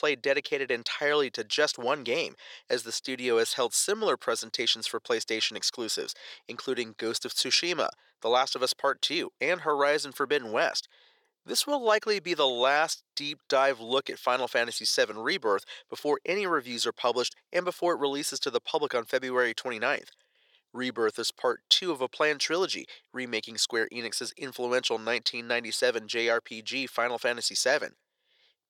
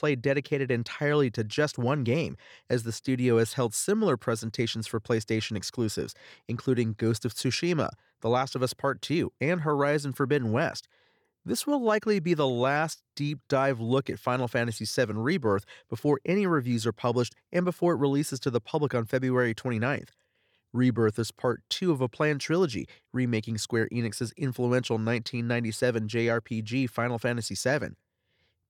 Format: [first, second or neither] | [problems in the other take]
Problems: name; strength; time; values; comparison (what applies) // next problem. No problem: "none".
second | thin; very; fading below 550 Hz